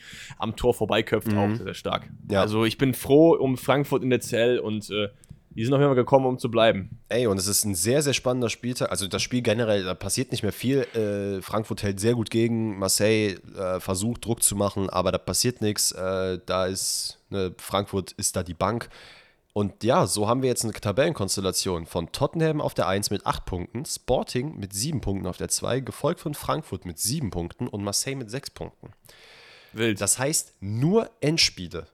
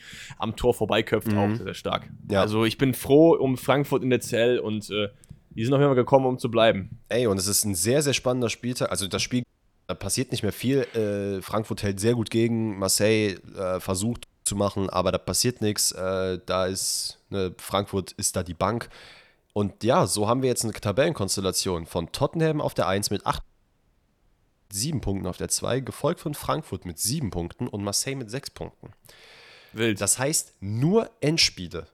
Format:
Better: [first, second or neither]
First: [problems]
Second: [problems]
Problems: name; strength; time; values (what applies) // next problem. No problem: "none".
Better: first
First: none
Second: audio cutting out; at 9.5 s, at 14 s and at 23 s for 1.5 s